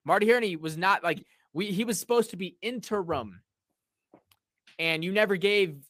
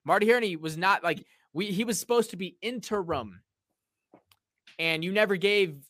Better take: second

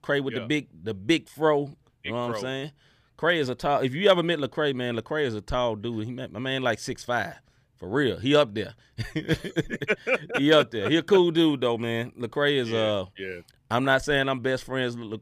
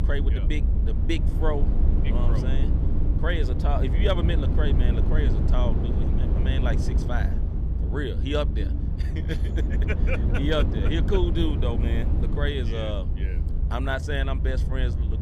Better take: first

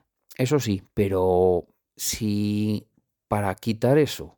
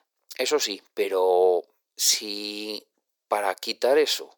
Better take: first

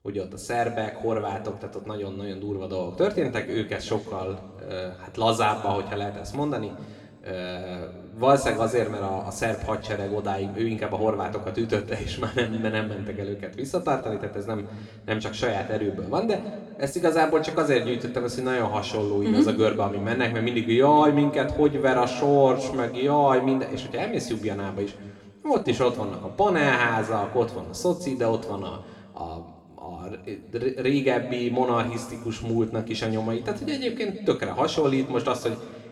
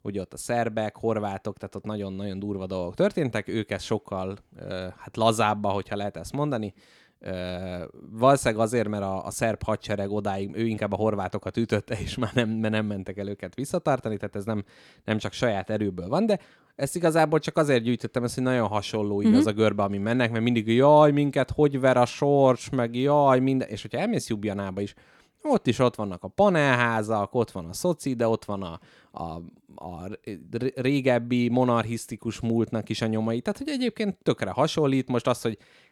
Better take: second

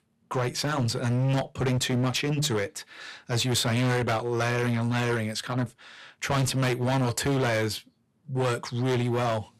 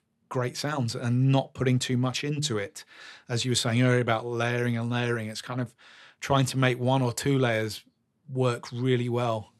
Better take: second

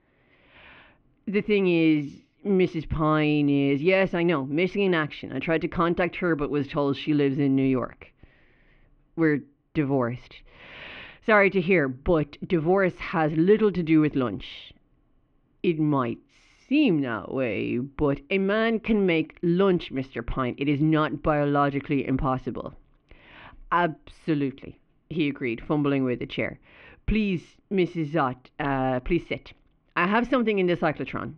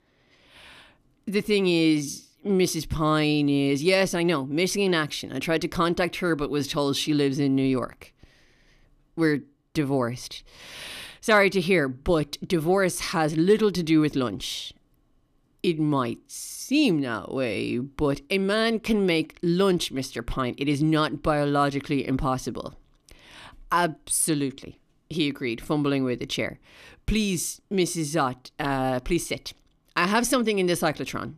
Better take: second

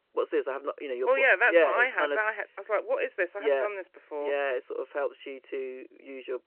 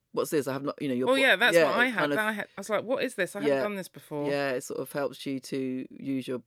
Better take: second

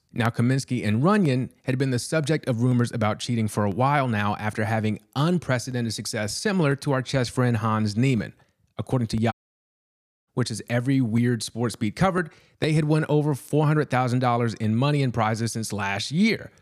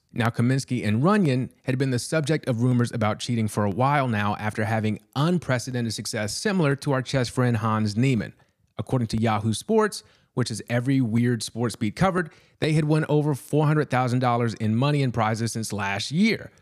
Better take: second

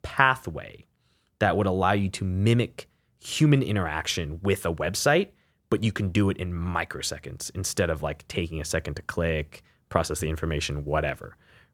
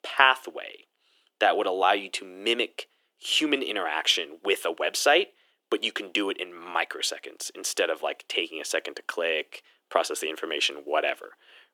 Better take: first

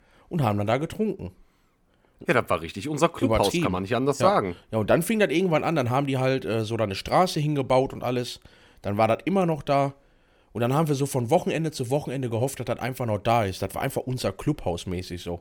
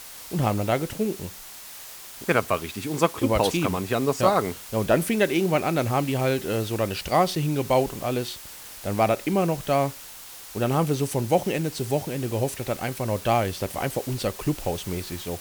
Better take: first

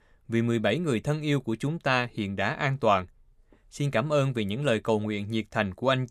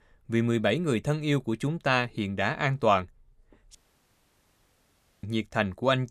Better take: first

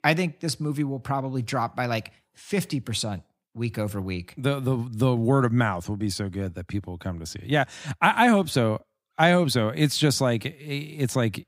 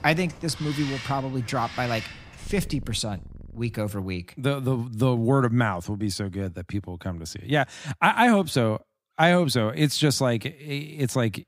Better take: first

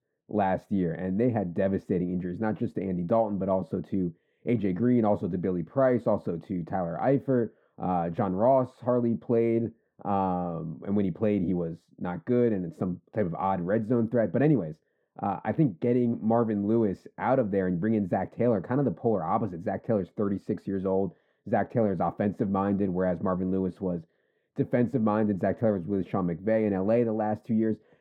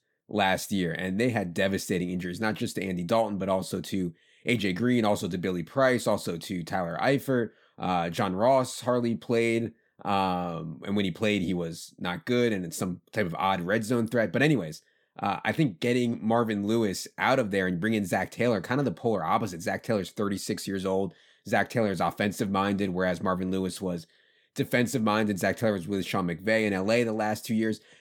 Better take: second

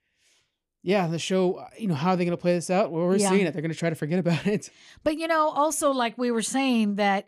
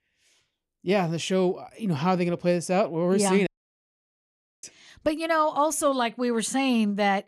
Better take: first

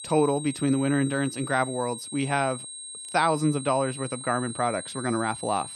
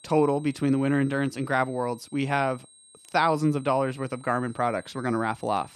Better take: second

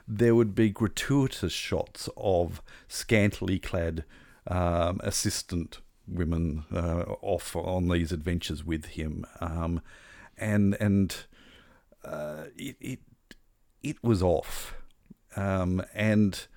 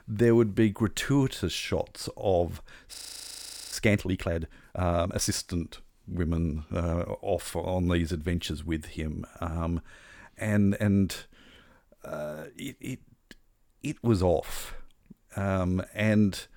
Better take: first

